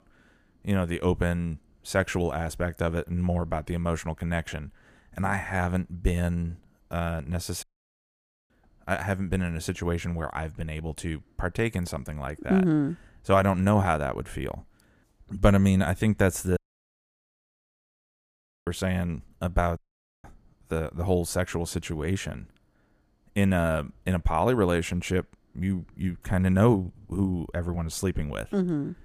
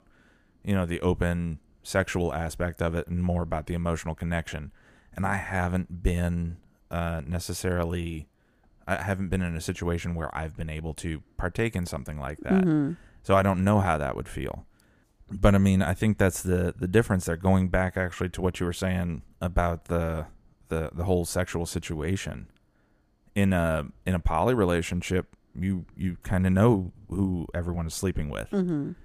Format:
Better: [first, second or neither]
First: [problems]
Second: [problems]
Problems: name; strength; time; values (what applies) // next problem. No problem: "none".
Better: second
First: audio cutting out; at 7.5 s for 1 s, at 17 s for 2 s and at 20 s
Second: none